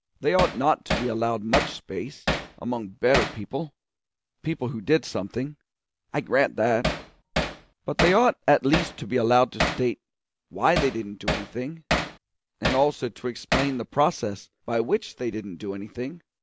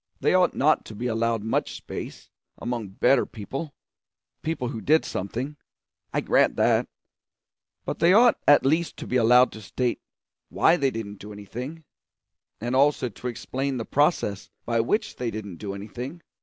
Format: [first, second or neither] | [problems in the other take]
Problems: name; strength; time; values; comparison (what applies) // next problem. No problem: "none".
second | background sound (Hammer); 4 dB below the speech